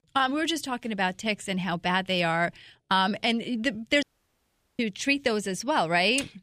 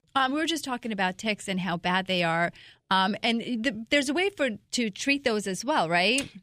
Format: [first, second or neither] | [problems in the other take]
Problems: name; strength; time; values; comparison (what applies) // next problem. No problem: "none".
second | audio cutting out; at 4 s for 1 s